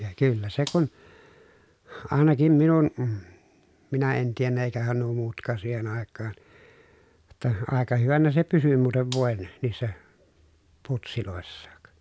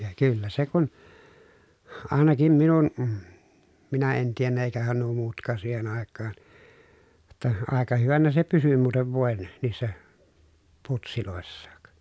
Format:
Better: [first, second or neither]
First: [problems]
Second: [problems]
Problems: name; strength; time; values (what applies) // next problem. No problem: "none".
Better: second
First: background sound (Gunshot, gunfire); 18 dB below the speech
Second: none